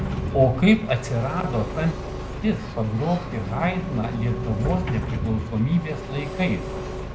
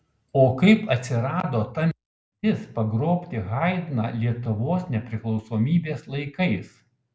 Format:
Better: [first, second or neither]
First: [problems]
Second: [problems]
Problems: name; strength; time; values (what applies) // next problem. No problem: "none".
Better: second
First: background sound (Engine + Sliding door); 5 dB below the speech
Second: none